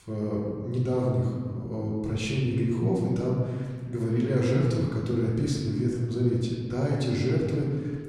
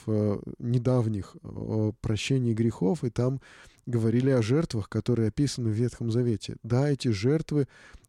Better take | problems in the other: second | room echo; noticeable; dies away in 1.6 s // off-mic speech; far

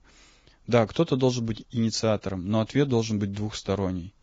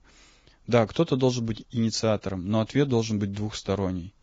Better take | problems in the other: neither | garbled, watery; badly; nothing above 7.5 kHz; the same in both

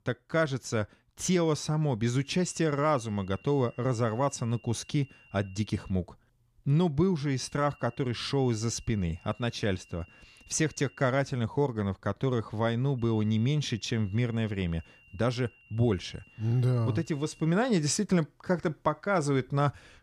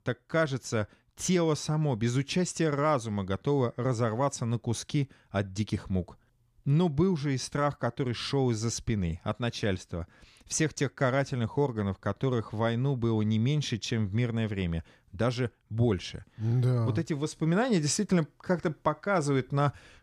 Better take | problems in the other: second | high-pitched whine; faint; from 2.5 to 6 s, from 7.5 to 11 s and from 13 to 18 s; 3 kHz, 30 dB below the speech

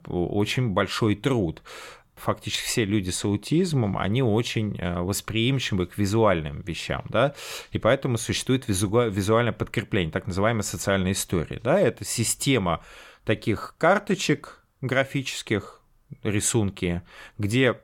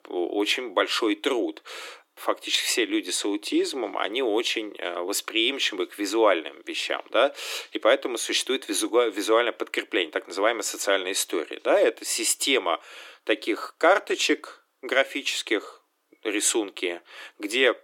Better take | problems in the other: first | thin; very; fading below 300 Hz

